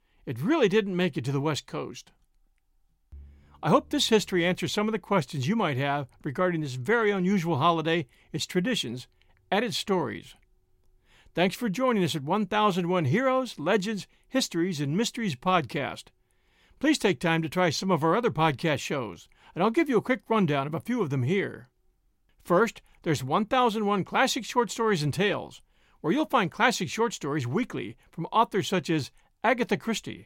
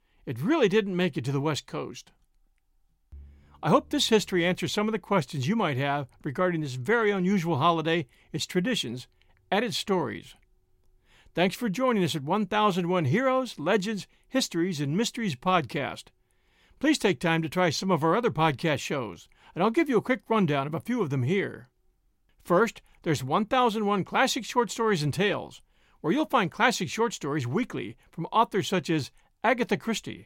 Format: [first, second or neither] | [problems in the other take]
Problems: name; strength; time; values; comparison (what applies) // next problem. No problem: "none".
neither | none